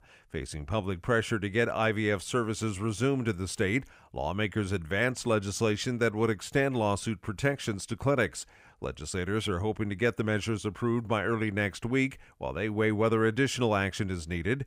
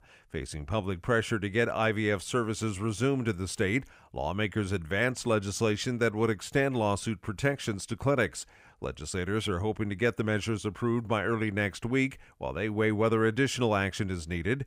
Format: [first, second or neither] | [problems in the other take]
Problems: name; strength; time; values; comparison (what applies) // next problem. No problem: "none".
neither | none